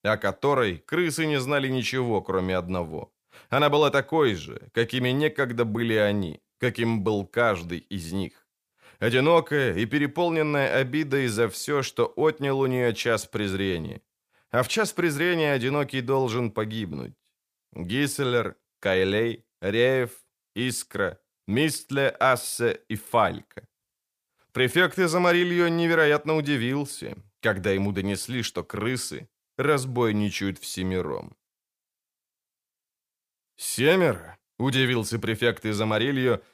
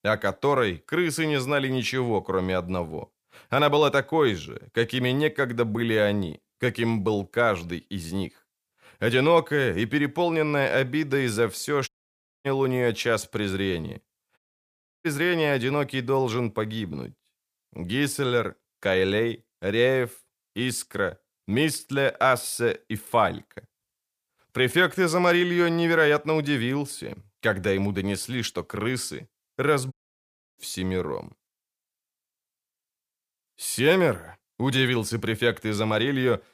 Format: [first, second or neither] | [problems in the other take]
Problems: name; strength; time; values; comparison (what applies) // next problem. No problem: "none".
first | audio cutting out; at 12 s for 0.5 s, at 14 s for 0.5 s and at 30 s for 0.5 s